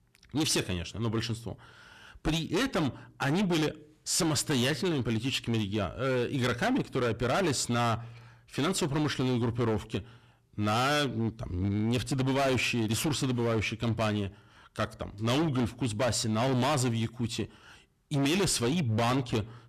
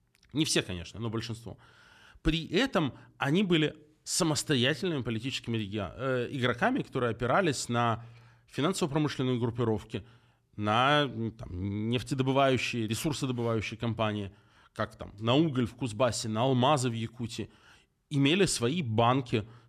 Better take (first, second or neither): second